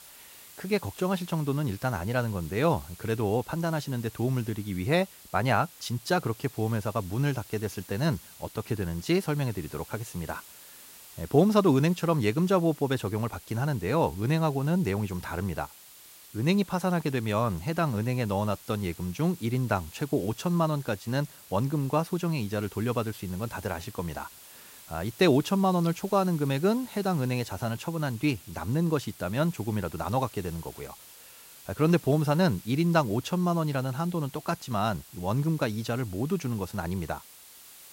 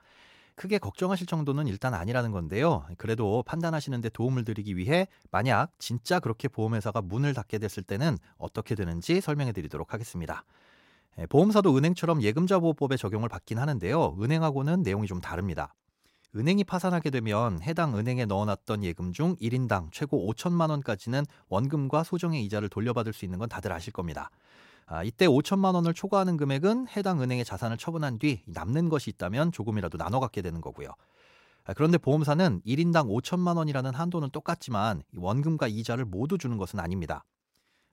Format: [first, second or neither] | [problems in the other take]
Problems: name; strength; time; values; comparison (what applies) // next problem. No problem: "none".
second | hiss; noticeable; throughout; 20 dB below the speech